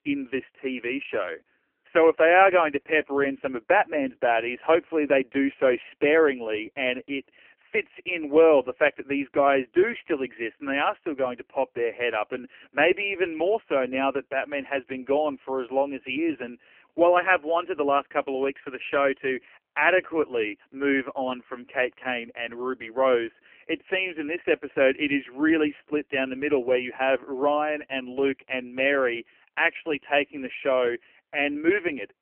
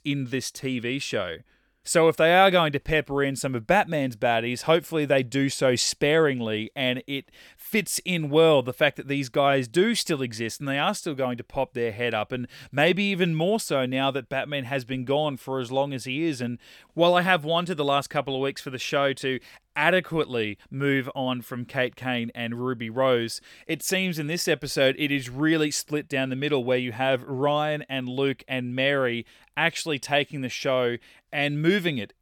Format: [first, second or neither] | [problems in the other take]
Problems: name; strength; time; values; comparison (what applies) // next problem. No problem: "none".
second | phone-call audio; poor line; nothing above 3 kHz